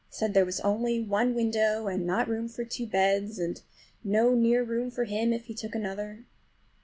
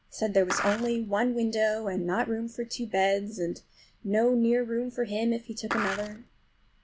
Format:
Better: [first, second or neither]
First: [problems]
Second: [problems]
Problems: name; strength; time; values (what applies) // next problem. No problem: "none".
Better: first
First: none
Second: background sound (Skateboard); 5 dB below the speech